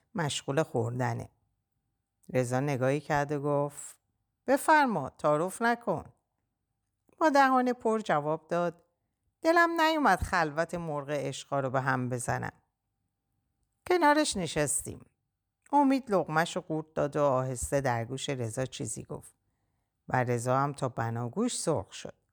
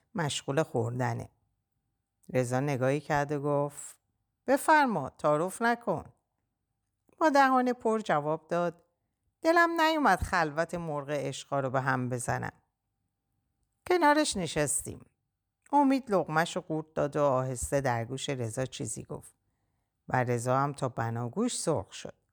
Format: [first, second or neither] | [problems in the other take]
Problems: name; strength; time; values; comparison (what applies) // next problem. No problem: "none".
neither | none